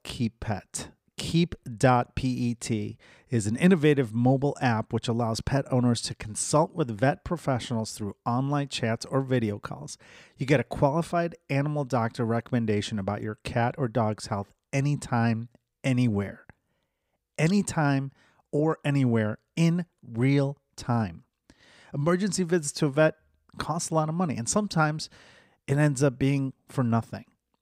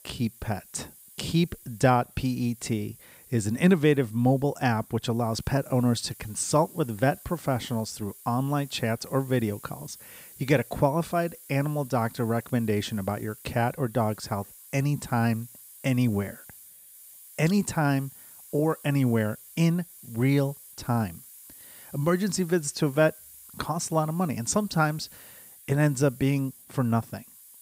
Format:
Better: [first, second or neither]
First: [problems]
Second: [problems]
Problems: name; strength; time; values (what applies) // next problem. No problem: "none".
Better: first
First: none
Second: hiss; noticeable; throughout; 20 dB below the speech